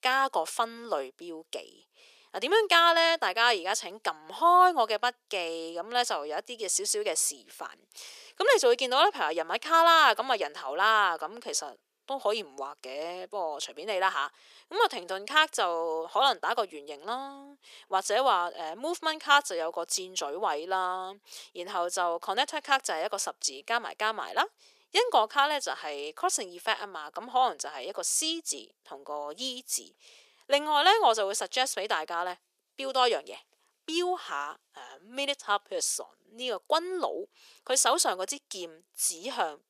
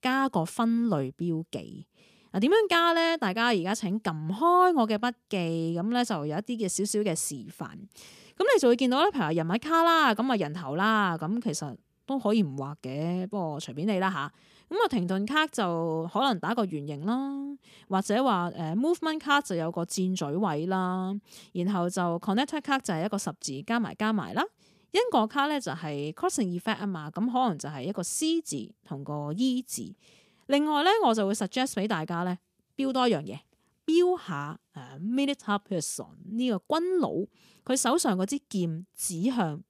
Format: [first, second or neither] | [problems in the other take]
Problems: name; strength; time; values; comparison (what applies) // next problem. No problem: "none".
second | thin; very; fading below 450 Hz